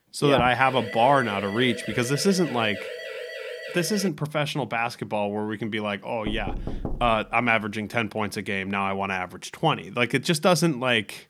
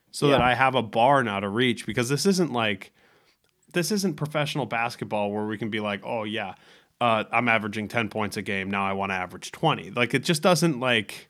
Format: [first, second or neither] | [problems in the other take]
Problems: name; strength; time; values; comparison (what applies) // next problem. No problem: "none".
second | siren; noticeable; from 0.5 to 4 s; peak 10 dB below the speech // door banging; noticeable; at 6.5 s; peak 9 dB below the speech